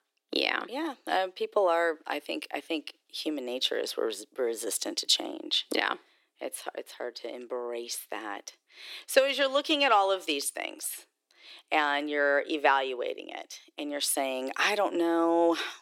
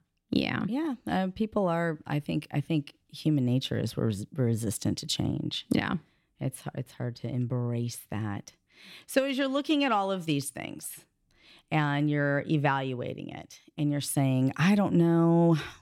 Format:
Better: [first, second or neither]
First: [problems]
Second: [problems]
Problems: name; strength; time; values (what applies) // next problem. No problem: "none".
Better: second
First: thin; very; fading below 350 Hz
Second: none